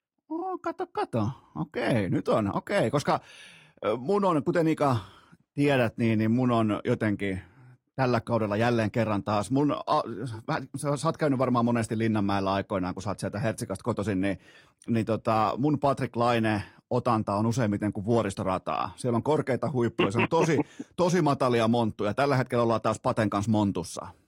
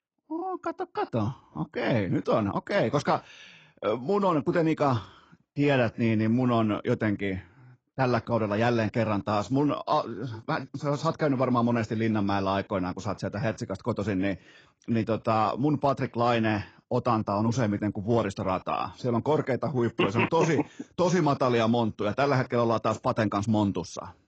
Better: first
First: garbled, watery; slightly; nothing above 16 kHz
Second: garbled, watery; badly; nothing above 7.5 kHz

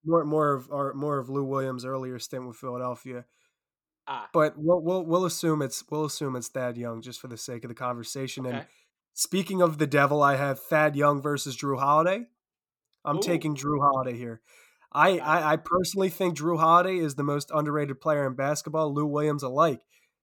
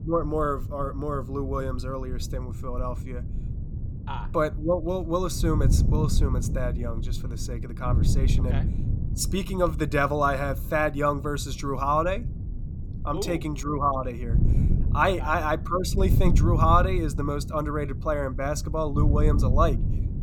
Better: first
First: none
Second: wind noise on the microphone; occasional gusts; 15 dB below the speech

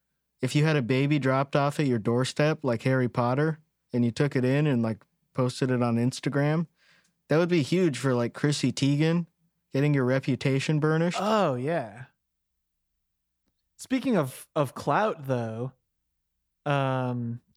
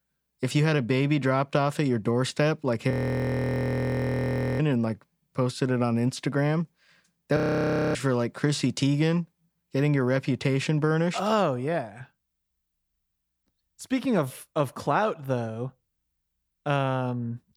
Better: first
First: none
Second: audio freezing; at 3 s for 1.5 s and at 7.5 s for 0.5 s

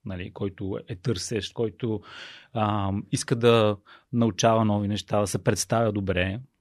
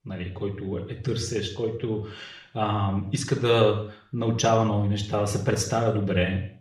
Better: first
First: none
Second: room echo; slight; dies away in 0.5 s // off-mic speech; somewhat distant

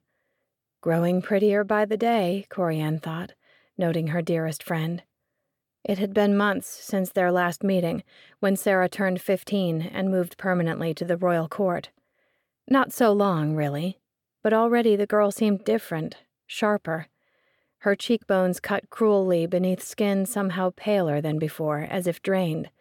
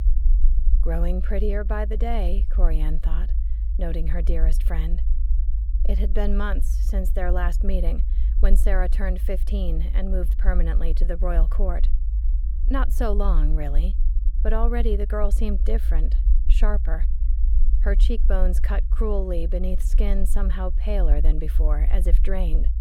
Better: first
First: none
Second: low rumble; noticeable; throughout; 15 dB below the speech

